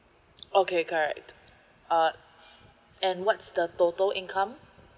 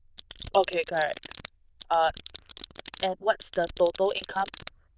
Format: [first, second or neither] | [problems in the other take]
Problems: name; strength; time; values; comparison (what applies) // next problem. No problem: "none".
first | noise reduction (neural diffusion model UNIVERSE++)